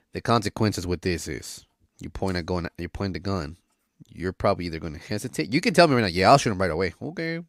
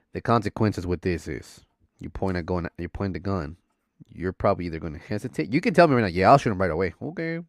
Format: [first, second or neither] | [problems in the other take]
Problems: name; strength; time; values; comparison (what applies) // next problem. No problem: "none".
first | muffled; slightly; fading above 3 kHz